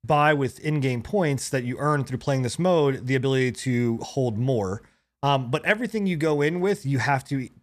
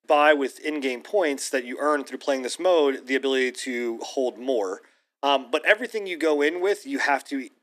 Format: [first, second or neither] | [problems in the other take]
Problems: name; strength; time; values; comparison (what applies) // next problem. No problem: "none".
first | thin; somewhat; fading below 250 Hz